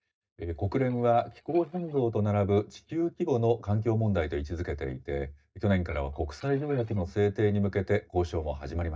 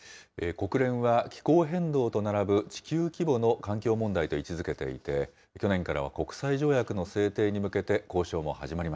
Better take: second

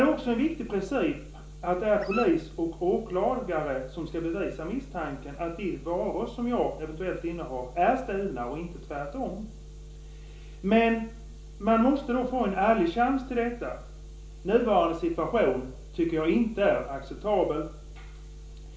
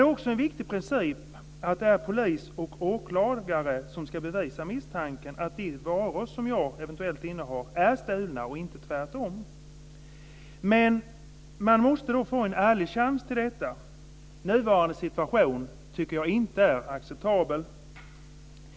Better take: second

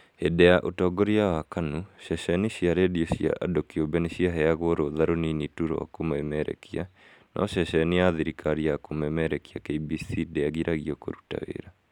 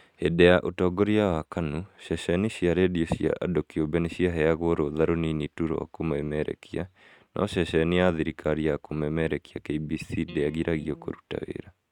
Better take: first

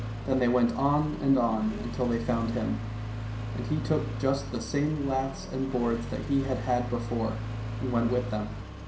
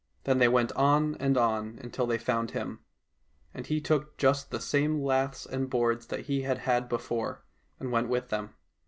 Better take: second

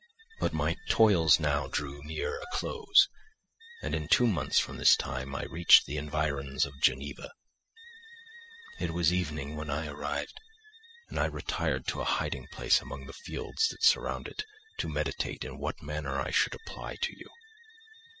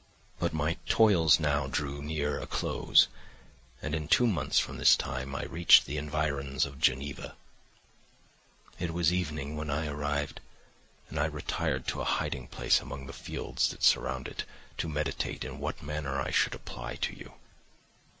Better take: second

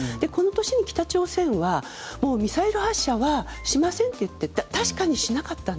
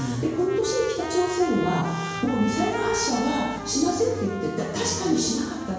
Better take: first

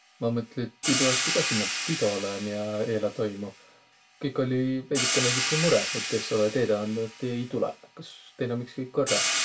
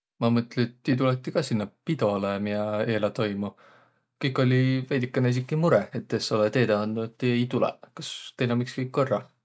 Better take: second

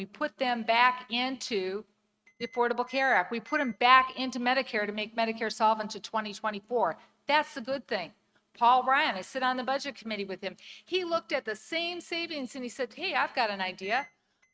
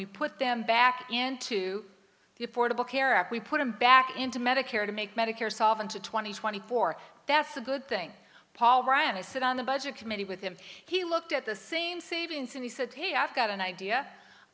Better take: second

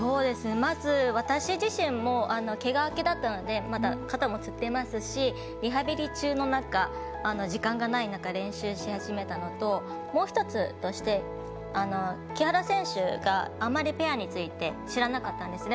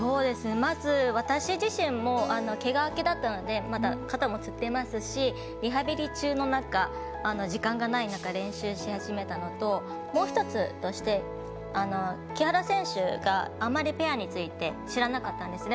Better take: first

